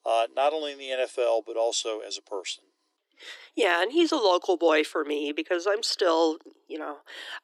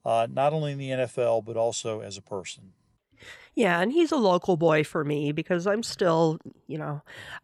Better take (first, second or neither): second